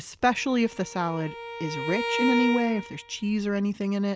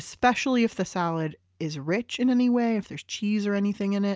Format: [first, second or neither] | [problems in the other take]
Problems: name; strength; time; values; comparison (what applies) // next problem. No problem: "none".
second | background sound (Bowed string instrument); 7 dB below the speech